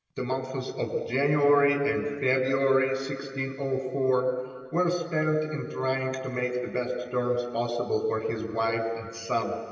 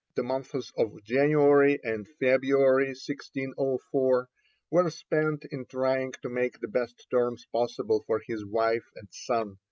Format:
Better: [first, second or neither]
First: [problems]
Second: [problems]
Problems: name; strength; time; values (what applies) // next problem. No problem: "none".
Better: second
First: room echo; dies away in 2.5 s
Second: none